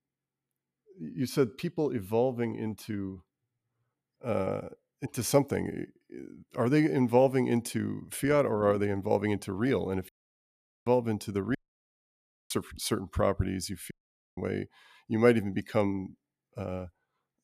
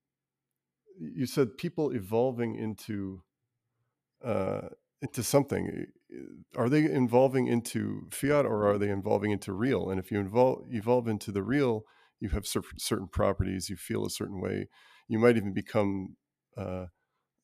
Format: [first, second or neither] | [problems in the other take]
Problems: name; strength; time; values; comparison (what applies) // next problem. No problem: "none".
second | audio cutting out; at 10 s for 1 s, at 12 s for 1 s and at 14 s